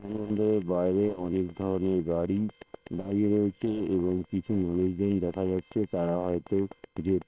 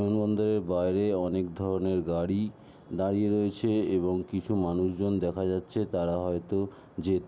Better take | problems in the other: second | noise reduction (neural separator model SepFormer WHAM!)

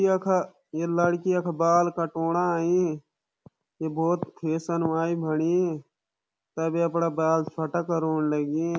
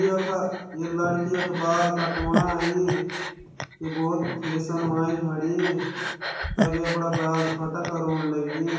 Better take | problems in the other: first | background sound (Breathing); 6 dB below the speech // room echo; dies away in 1 s

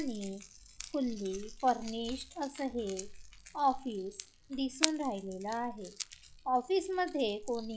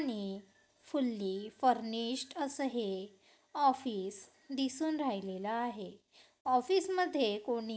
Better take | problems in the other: second | noise reduction (classical method log-MMSE)

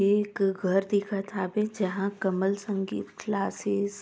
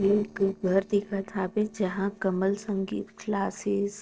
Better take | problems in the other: first | noise reduction (neural separator model SepFormer DNS4)

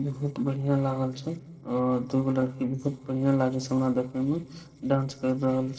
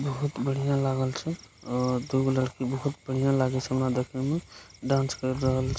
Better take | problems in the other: second | noise reduction (neural separator model SepFormer DNS4)

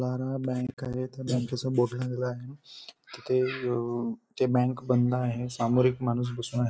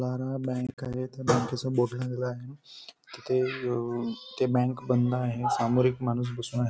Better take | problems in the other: second | noise reduction (neural mask model Resemble Enhance denoiser)

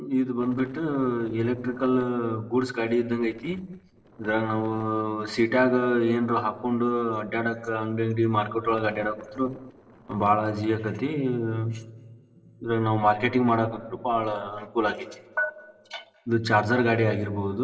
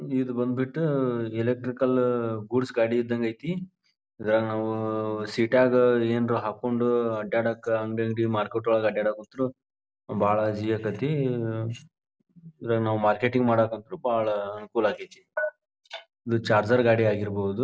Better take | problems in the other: second | noise reduction (neural separator model SepFormer DNS4)

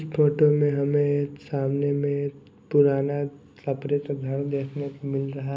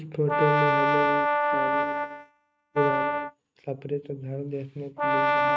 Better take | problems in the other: first | noise reduction (neural mask model RNNoise)

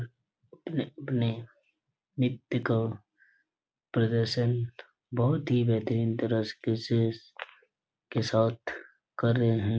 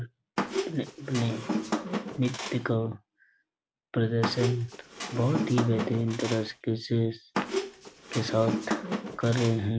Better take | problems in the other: first | background sound (Squeak); 3 dB below the speech

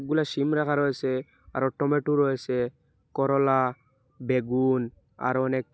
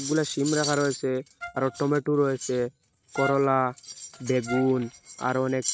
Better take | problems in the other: first | noise reduction (neural mask model RNNoise)

